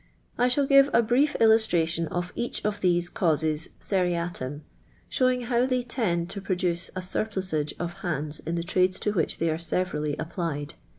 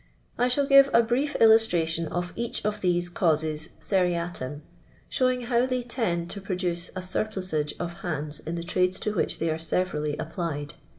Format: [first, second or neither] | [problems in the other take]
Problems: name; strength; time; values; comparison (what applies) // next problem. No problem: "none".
first | room echo; dies away in 0.4 s